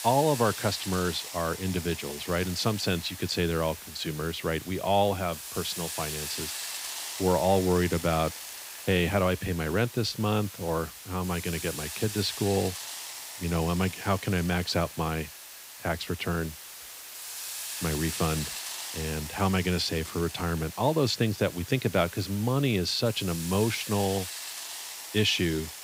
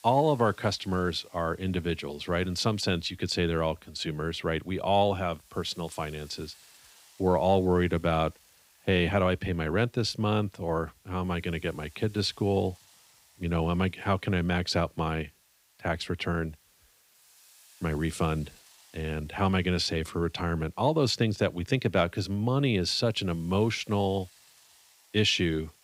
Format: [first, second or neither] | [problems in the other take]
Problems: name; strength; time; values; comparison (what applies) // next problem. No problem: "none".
second | hiss; loud; throughout; 8 dB below the speech; faint in the second